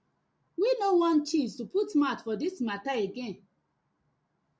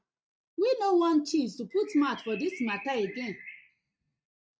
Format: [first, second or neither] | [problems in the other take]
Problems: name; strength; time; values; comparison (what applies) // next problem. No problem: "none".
first | noise reduction (neural mask model RNNoise)